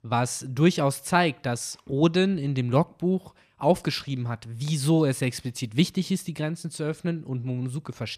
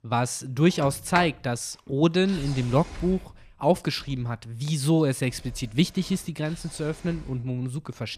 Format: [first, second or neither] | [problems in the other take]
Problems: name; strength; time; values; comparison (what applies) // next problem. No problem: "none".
first | household noises; noticeable; throughout; 15 dB below the speech